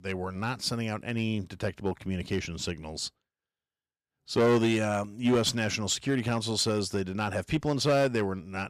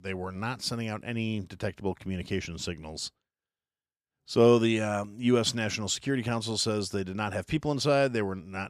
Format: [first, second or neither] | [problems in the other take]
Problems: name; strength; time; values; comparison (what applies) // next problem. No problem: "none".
second | distortion; slight; 4% of the sound clipped